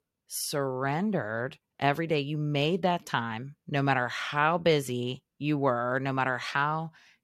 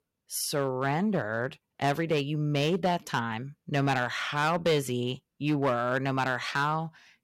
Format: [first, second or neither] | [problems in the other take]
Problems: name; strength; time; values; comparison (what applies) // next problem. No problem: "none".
first | distortion; slight; 4% of the sound clipped